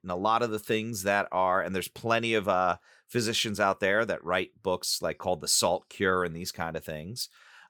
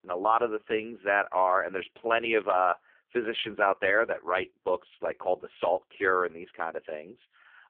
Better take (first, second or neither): first